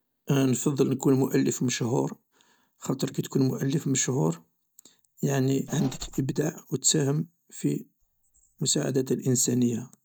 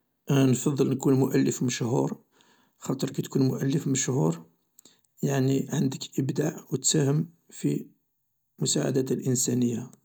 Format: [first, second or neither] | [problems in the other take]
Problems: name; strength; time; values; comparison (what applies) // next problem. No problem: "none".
second | noise reduction (neural mask model DeepFilterNet 3)